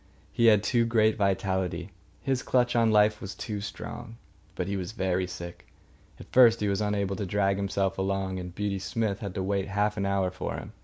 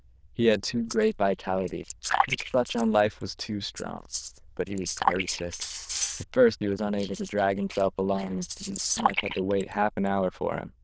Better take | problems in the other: first | noise reduction (neural diffusion model UNIVERSE++)

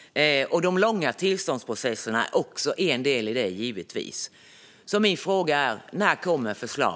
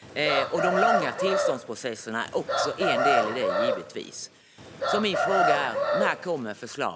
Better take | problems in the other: first | background sound (Chicken, rooster); 3 dB above the speech

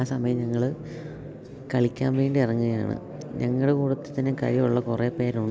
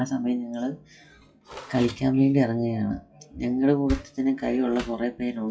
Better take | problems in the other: first | noise reduction (classical method WPE with log-MMSE)

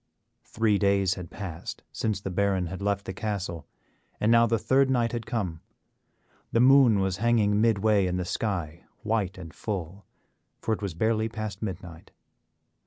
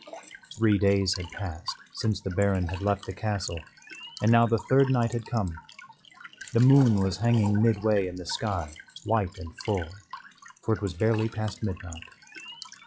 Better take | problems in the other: first | noise reduction (classical method log-MMSE)

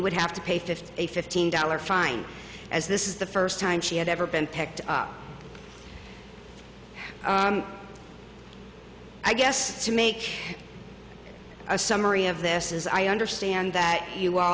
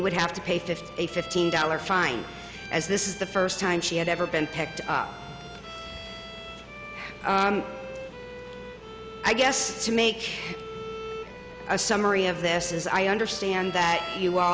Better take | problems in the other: first | background sound (Bowed string instrument); 13 dB below the speech

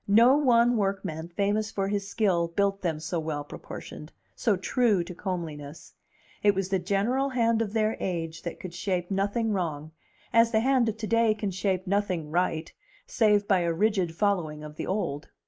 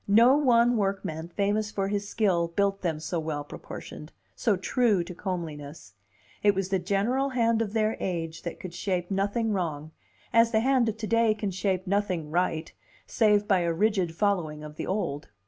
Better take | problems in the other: second | noise reduction (neural mask model Resemble Enhance denoiser)

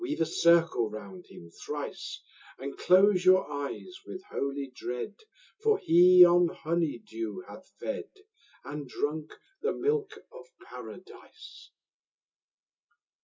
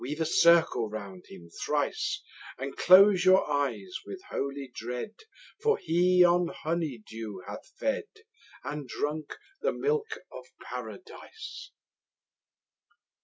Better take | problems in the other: second | room echo; dies away in 0.2 s

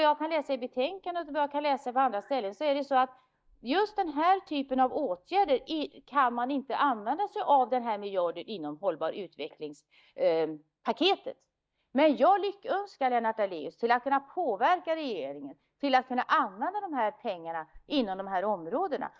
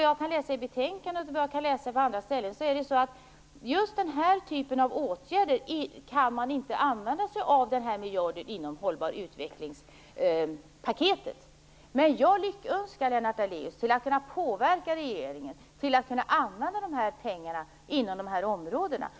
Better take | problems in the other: second | noise reduction (neural mask model DeepFilterNet 3)

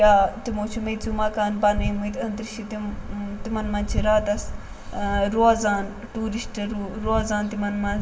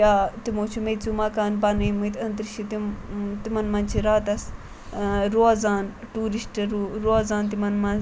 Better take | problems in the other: second | room echo; dies away in 1.5 s

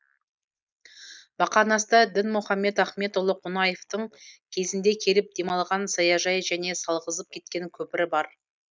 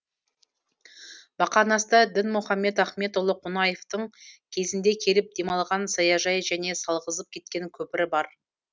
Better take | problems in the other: second | noise reduction (neural mask model Resemble Enhance denoiser)

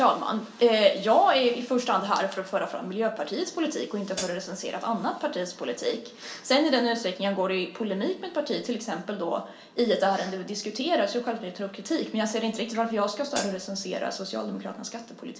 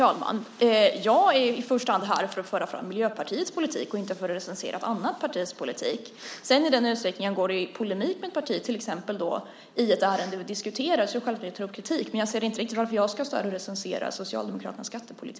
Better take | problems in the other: second | background sound (Hi-hat); 10 dB below the speech // room echo; dies away in 0.3 s

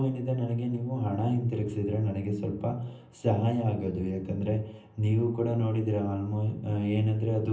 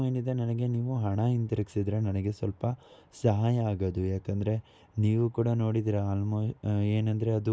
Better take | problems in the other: second | room echo; dies away in 0.6 s

